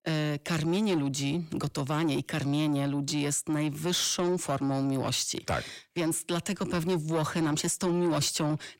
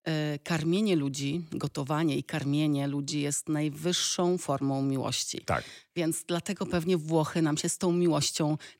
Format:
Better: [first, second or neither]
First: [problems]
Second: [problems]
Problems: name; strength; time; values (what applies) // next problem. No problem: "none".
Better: second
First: distortion; slight; 10 dB below the speech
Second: none